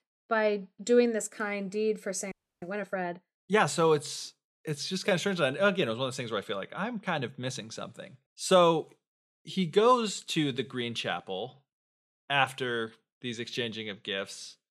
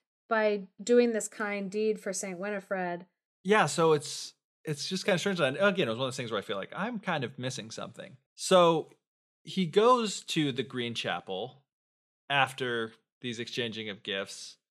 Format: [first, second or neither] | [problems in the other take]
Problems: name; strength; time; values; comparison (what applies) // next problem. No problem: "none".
second | audio freezing; at 2.5 s